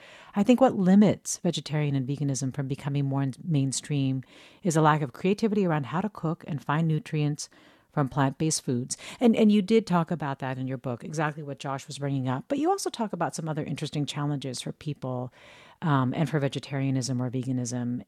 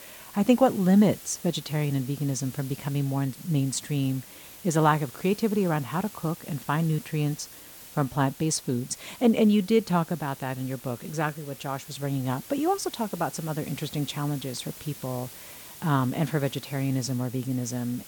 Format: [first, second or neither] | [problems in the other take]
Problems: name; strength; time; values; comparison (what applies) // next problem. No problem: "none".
first | hiss; noticeable; throughout; 15 dB below the speech